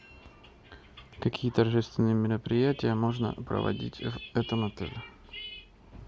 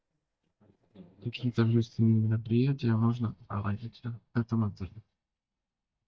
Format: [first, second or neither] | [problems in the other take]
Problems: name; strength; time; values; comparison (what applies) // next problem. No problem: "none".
first | noise reduction (neural mask model DeepFilterNet 3)